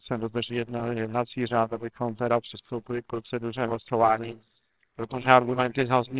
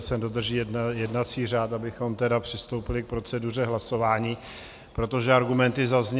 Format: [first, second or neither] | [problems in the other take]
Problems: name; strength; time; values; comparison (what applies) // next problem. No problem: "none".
second | noise reduction (neural separator model SepFormer WHAMR!)